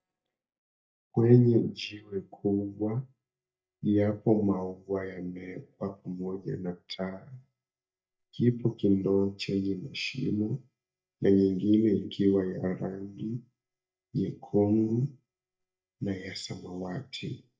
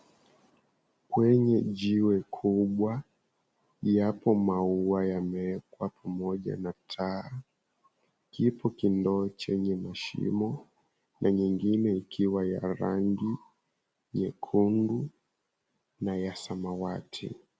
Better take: second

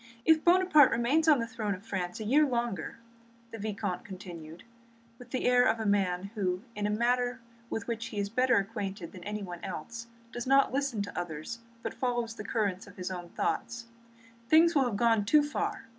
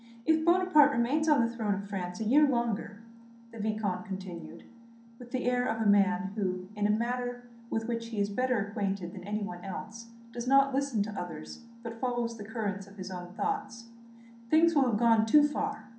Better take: first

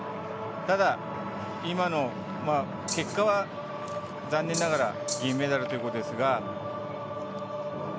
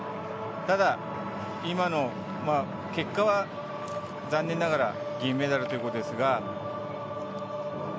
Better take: second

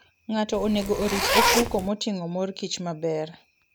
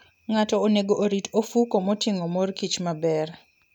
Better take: second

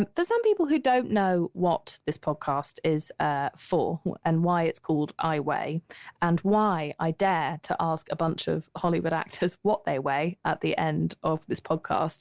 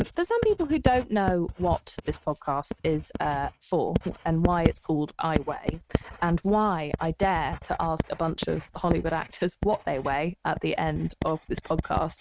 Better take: first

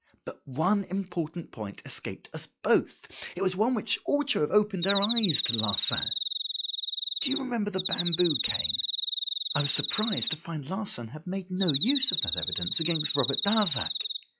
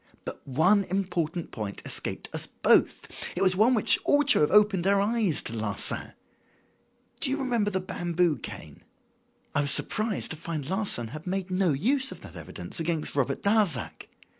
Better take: second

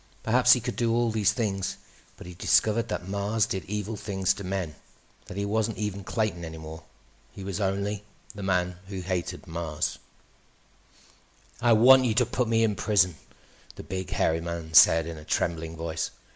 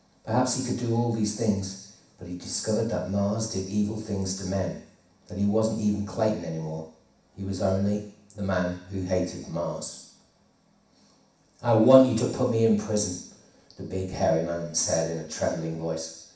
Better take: first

